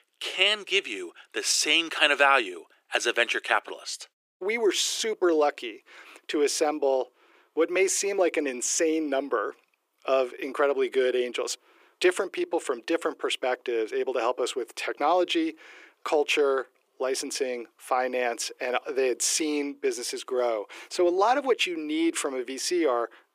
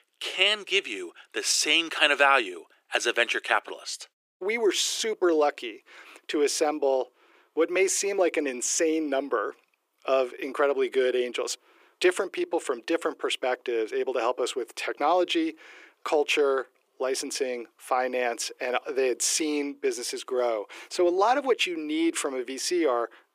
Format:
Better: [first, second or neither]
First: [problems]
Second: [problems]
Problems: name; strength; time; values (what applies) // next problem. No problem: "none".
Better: neither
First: thin; very; fading below 350 Hz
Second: thin; very; fading below 350 Hz